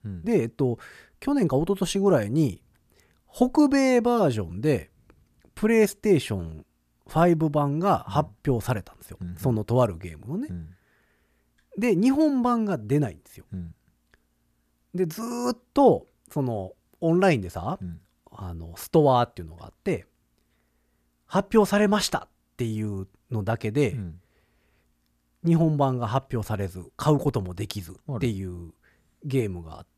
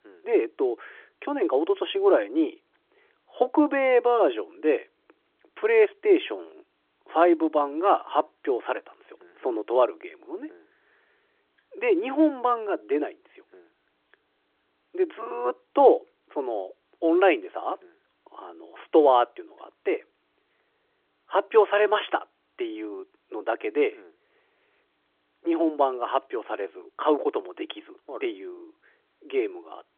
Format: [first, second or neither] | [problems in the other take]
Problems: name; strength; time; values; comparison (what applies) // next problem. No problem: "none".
first | phone-call audio; nothing above 3.5 kHz